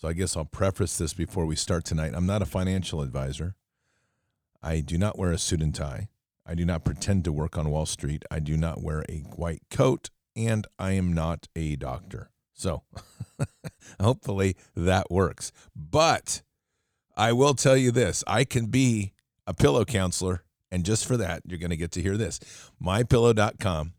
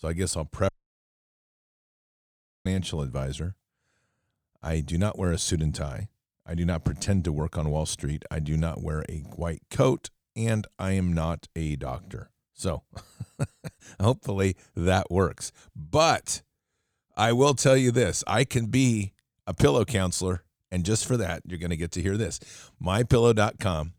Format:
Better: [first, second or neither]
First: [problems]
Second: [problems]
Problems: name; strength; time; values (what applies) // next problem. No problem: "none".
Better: first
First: none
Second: audio cutting out; at 0.5 s for 2 s